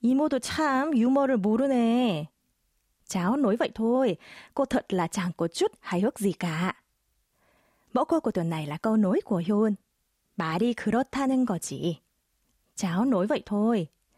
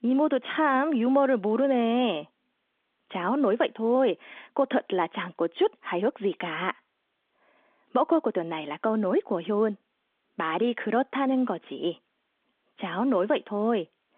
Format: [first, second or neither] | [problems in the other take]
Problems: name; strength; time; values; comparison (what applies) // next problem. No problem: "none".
first | phone-call audio; nothing above 3.5 kHz